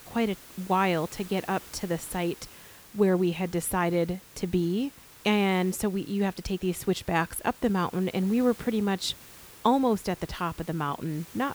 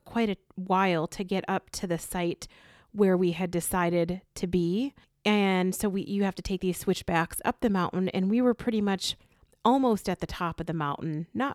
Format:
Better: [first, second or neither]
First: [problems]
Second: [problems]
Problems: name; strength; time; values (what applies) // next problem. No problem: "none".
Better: second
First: hiss; noticeable; throughout; 20 dB below the speech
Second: none